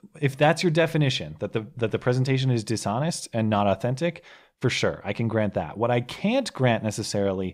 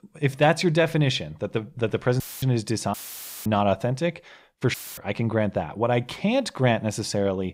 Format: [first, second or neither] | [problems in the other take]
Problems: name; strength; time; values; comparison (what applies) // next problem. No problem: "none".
first | audio cutting out; filled with static; at 2 s, at 3 s for 0.5 s and at 4.5 s